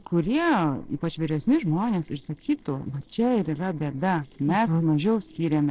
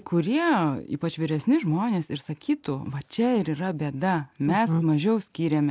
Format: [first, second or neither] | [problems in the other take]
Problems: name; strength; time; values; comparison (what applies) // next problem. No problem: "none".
second | noise reduction (neural separator model SepFormer DNS4)